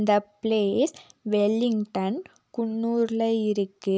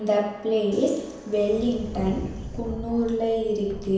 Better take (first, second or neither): first